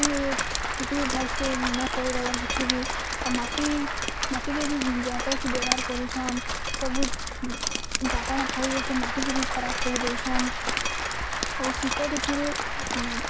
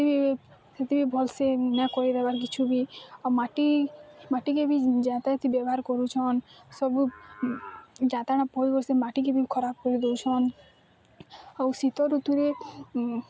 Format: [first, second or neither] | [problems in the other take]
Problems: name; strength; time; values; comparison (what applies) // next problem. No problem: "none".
second | background sound (Applause + Drip); 3 dB above the speech